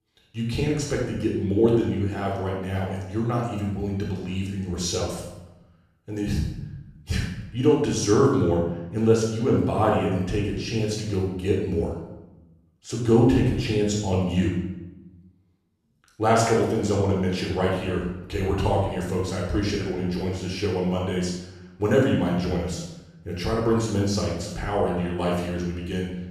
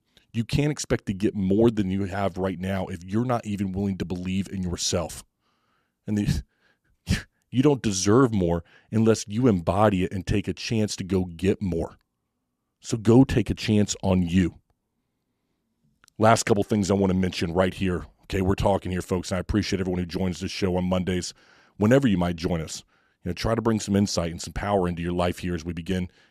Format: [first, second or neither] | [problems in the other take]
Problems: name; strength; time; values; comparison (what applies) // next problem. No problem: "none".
second | off-mic speech; far // room echo; noticeable; dies away in 0.8 s